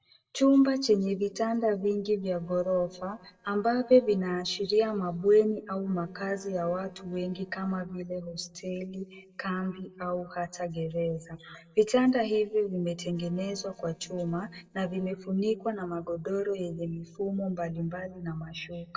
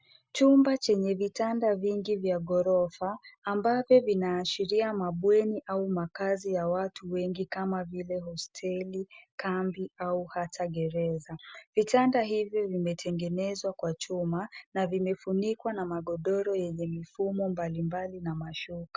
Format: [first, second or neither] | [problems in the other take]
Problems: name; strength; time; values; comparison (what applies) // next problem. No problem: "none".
second | noise reduction (neural separator model SepFormer DNS4)